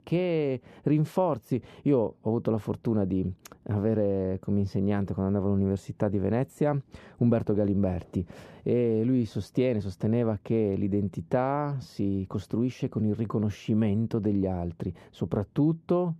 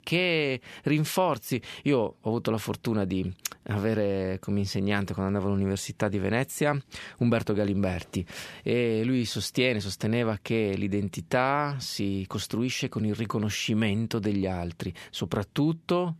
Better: second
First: muffled; very; fading above 1.5 kHz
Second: none

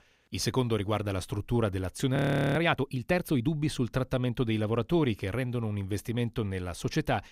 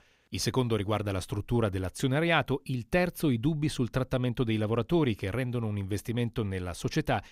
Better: second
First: audio freezing; at 2 s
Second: none

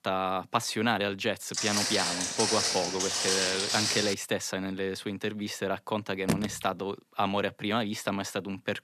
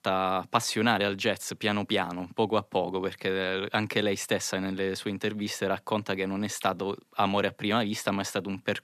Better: second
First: footsteps; loud; from 1.5 to 4 s; peak 5 dB above the speech // phone ringing; noticeable; at 6.5 s; peak 1 dB below the speech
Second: none

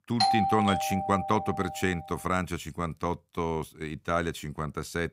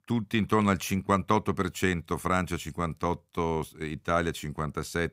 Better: second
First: doorbell; loud; until 2 s; peak 5 dB above the speech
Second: none

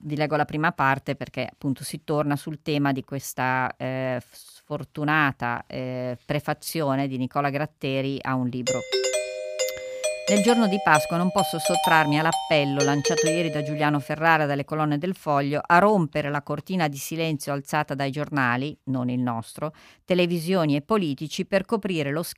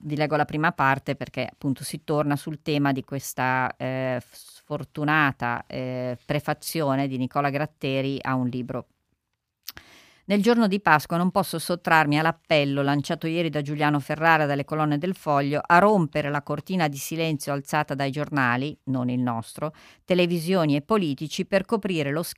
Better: second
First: doorbell; loud; from 8.5 to 14 s; peak 1 dB above the speech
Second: none

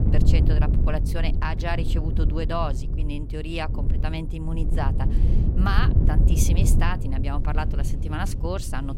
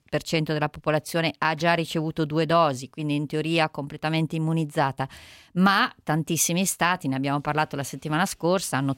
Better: second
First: wind noise on the microphone; heavy; 6 dB below the speech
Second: none

